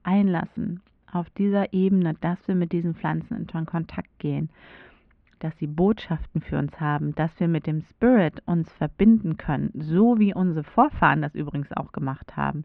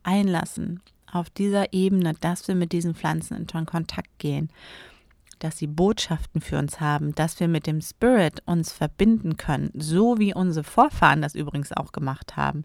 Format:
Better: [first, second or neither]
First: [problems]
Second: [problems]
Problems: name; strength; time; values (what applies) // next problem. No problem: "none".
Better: second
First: muffled; very; fading above 2.5 kHz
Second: none